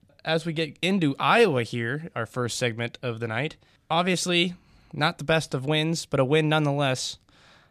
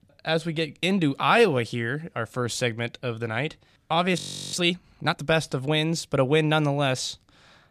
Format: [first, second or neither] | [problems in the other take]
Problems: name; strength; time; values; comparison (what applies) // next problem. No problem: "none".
first | audio freezing; at 4 s